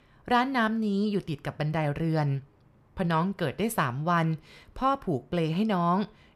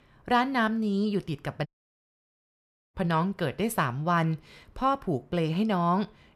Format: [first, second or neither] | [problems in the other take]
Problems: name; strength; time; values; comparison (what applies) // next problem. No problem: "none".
first | audio cutting out; at 1.5 s for 1.5 s